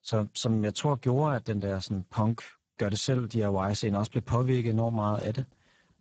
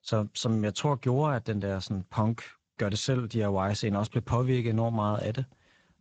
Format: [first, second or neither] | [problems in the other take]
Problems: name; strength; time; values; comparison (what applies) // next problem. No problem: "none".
second | garbled, watery; badly; nothing above 7.5 kHz; slightly in the second